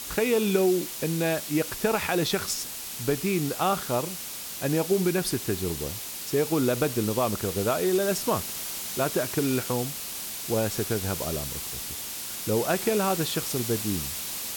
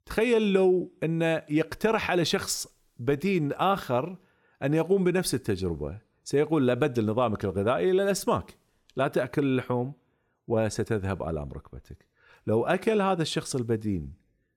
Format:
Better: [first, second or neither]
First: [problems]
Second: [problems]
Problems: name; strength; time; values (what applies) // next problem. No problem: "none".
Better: second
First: hiss; loud; throughout; 5 dB below the speech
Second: none